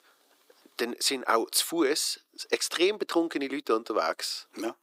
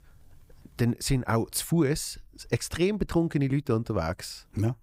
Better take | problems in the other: second | thin; very; fading below 350 Hz

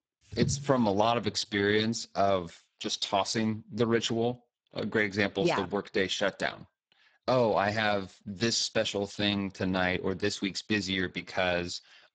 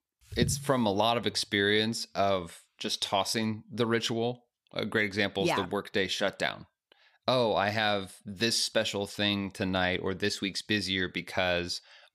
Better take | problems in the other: second | garbled, watery; badly; nothing above 7.5 kHz

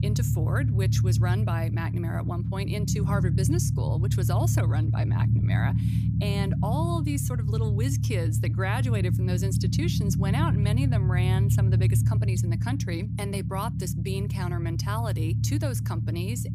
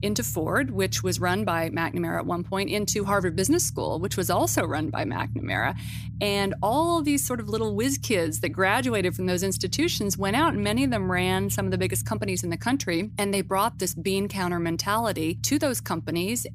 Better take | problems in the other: second | low rumble; loud; throughout; 3 dB below the speech; faint in the second

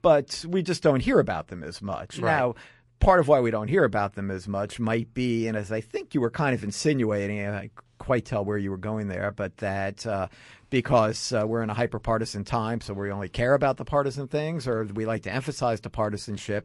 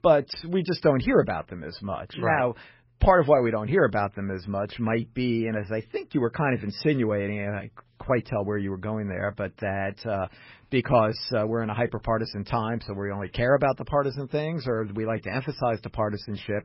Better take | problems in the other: first | garbled, watery; badly; nothing above 5.5 kHz; slightly in the first

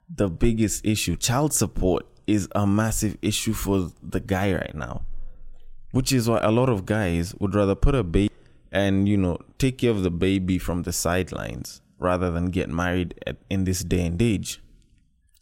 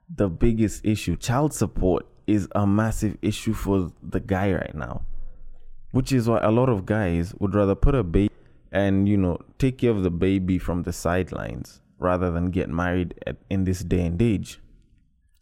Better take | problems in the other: first | muffled; slightly; fading above 2.5 kHz

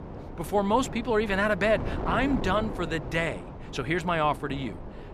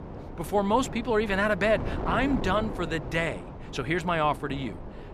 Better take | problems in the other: neither | wind noise on the microphone; occasional gusts; 15 dB below the speech; the same in both

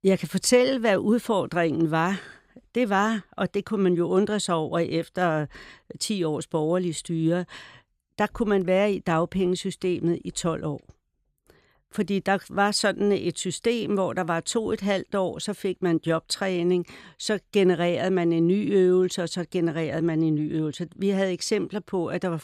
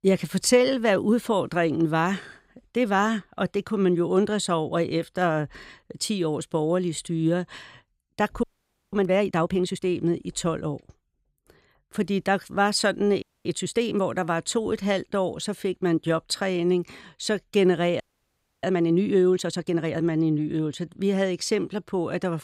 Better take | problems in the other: first | audio freezing; at 8.5 s for 0.5 s, at 13 s and at 18 s for 0.5 s

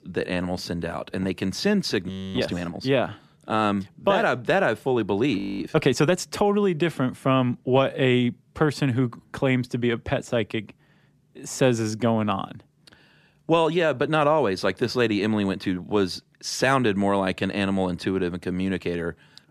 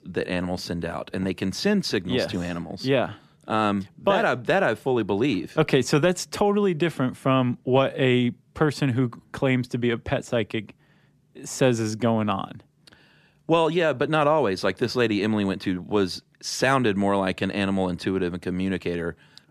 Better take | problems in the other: second | audio freezing; at 2 s and at 5.5 s

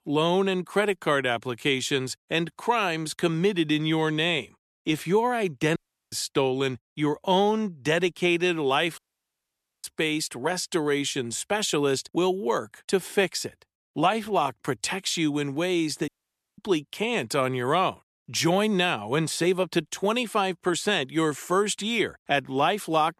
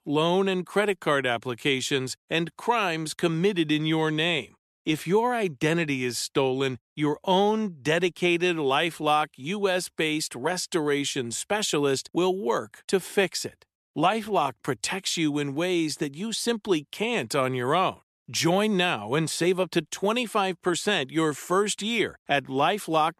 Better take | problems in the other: second | audio cutting out; at 6 s, at 9 s for 1 s and at 16 s for 0.5 s

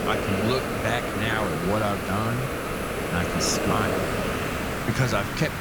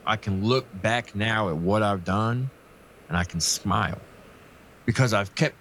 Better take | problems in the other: second | hiss; loud; throughout; as loud as the speech; faint in the second

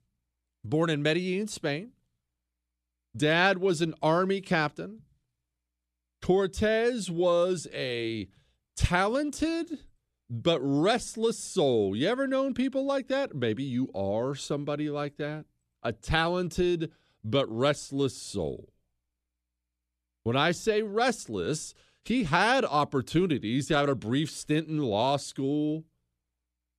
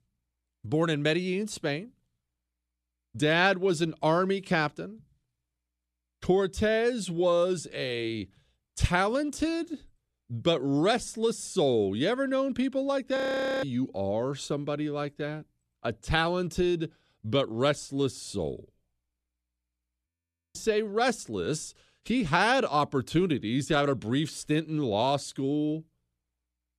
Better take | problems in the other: first | audio freezing; at 13 s and at 20 s

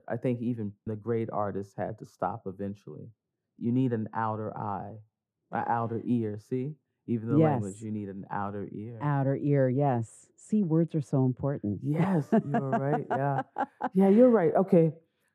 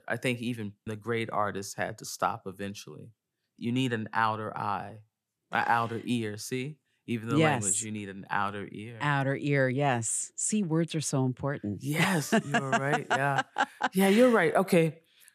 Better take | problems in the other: second | muffled; very; fading above 1.5 kHz

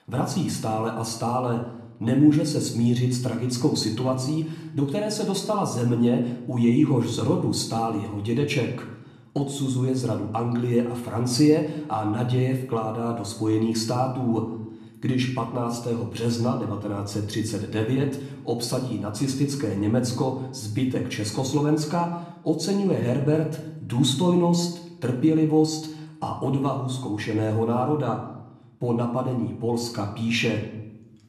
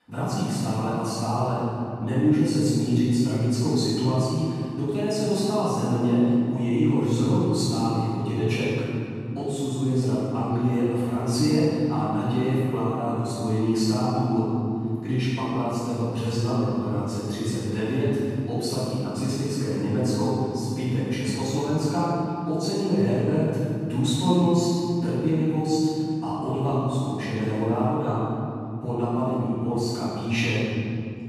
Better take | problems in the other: first | room echo; strong; dies away in 3 s; slight in the first // off-mic speech; far; far in the first

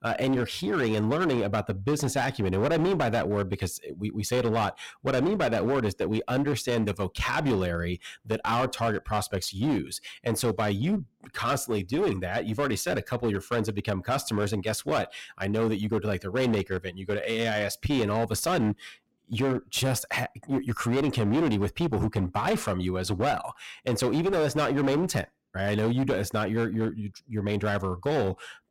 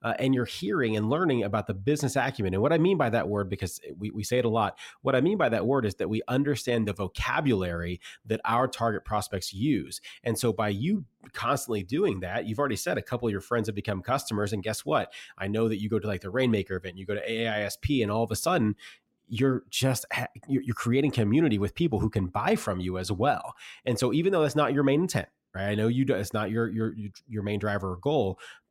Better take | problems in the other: second | distortion; slight; 16% of the sound clipped

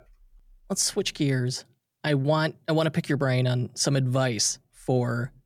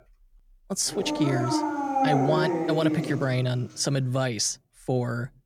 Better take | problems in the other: first | dog barking; loud; from 1 to 3.5 s; peak 3 dB above the speech

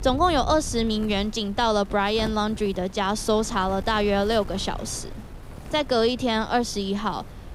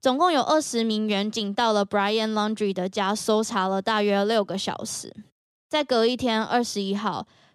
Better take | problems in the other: second | wind noise on the microphone; occasional gusts; 20 dB below the speech

